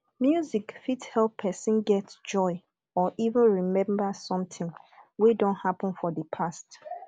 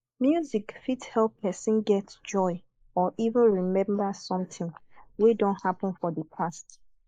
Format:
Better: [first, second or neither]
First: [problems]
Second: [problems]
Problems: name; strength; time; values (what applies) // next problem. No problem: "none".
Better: first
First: none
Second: noise reduction (neural mask model Resemble Enhance denoiser)